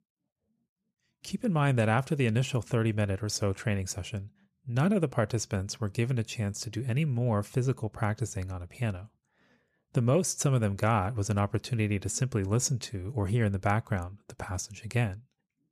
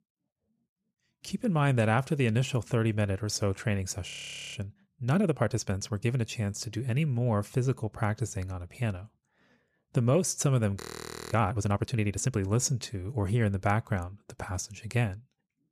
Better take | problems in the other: first | audio freezing; at 4 s and at 11 s for 0.5 s

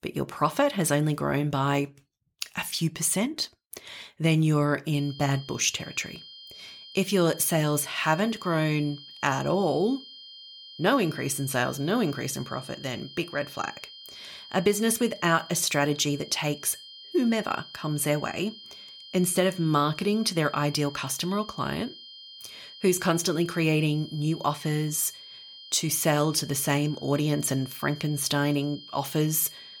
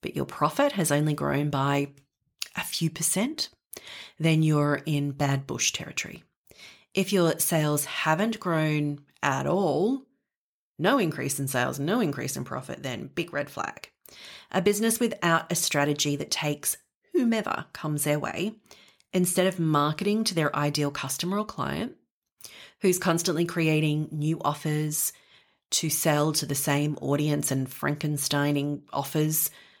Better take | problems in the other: second | high-pitched whine; noticeable; from 5 s on; 3 kHz, 15 dB below the speech

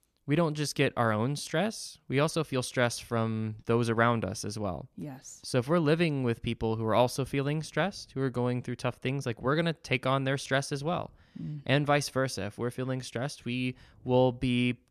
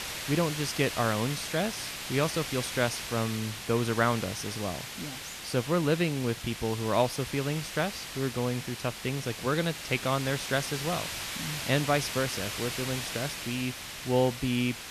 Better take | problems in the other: first | hiss; loud; throughout; 6 dB below the speech

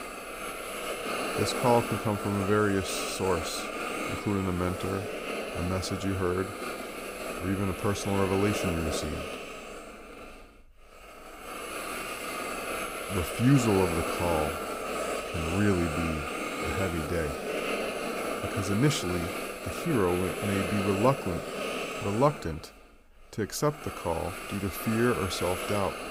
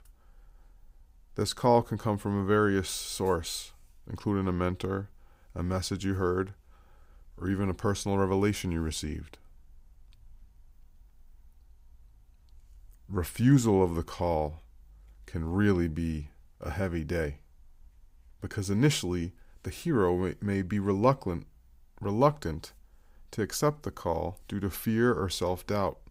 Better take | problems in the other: second | hiss; loud; throughout; 4 dB below the speech

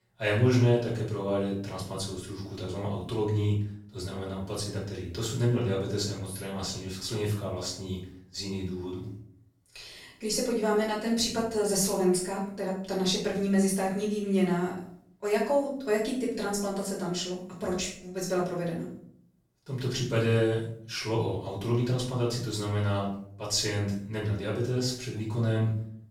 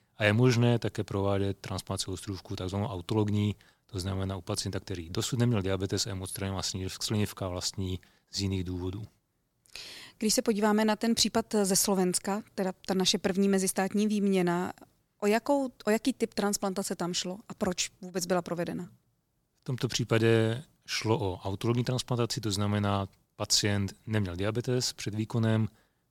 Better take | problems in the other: second | off-mic speech; far // room echo; noticeable; dies away in 0.5 s

